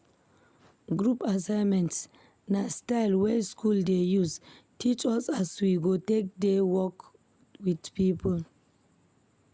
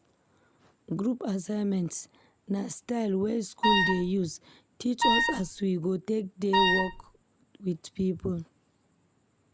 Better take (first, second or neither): first